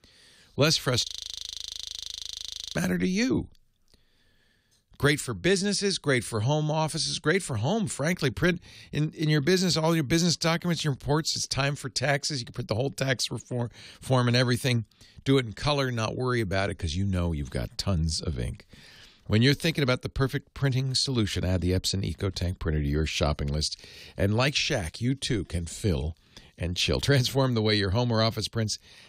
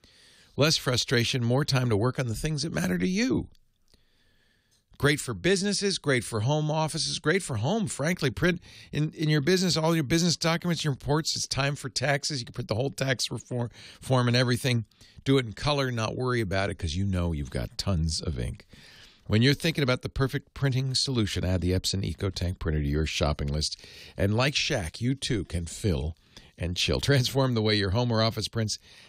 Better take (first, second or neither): second